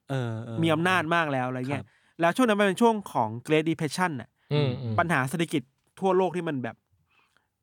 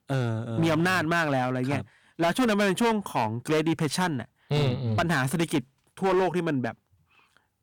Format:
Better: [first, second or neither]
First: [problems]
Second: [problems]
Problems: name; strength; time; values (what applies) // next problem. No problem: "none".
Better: first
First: none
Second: distortion; heavy; 12% of the sound clipped